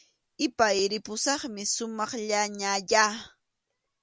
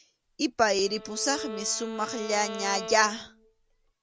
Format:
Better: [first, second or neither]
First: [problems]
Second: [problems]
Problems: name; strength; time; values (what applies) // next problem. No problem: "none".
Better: first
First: none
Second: background sound (Bowed string instrument); 11 dB below the speech